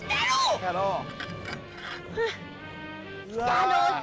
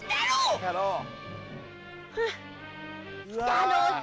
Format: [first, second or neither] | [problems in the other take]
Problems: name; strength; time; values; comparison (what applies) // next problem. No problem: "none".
second | background sound (Sawing + Glass); 15 dB below the speech